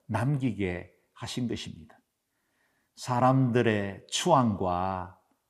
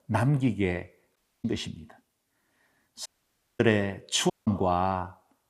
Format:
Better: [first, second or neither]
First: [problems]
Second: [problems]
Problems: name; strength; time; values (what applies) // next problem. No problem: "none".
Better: first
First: none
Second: audio cutting out; at 1 s, at 3 s for 0.5 s and at 4.5 s